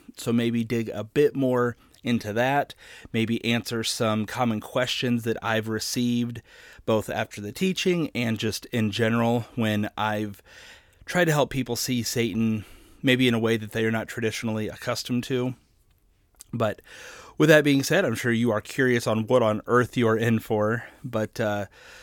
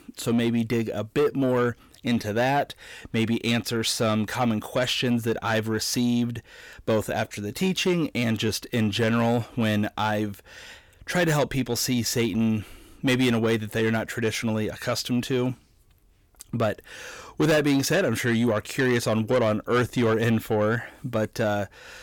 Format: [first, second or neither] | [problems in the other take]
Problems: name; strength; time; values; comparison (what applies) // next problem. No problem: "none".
first | distortion; slight; 10 dB below the speech